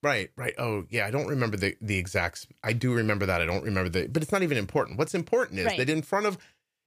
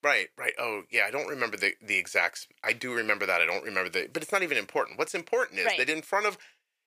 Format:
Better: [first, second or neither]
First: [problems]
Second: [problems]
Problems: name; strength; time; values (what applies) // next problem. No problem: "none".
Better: first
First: none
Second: thin; very; fading below 500 Hz